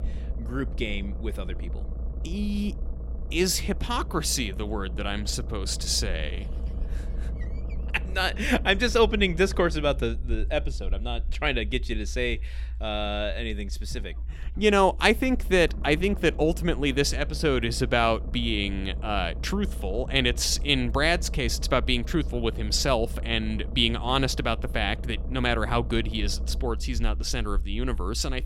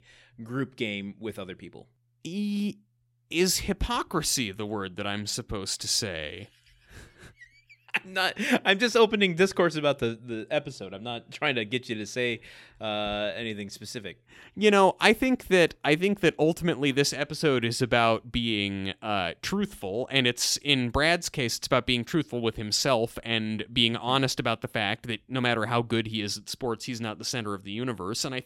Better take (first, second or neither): second